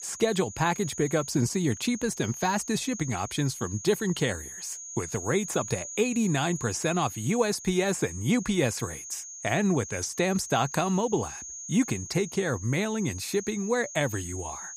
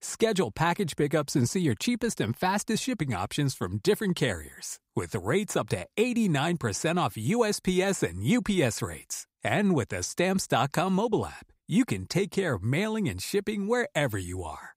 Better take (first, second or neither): second